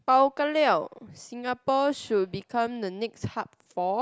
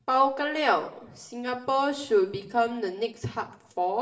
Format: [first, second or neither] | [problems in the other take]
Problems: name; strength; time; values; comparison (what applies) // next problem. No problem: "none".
first | room echo; dies away in 0.6 s